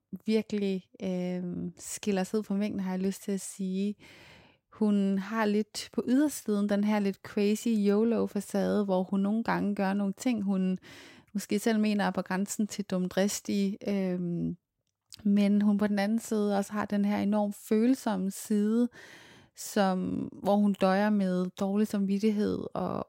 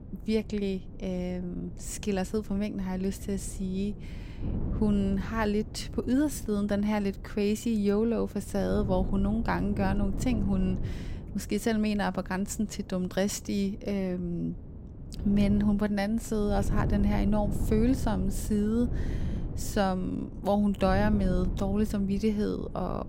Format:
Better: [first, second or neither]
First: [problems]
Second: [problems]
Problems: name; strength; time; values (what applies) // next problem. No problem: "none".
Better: first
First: none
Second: wind noise on the microphone; occasional gusts; 15 dB below the speech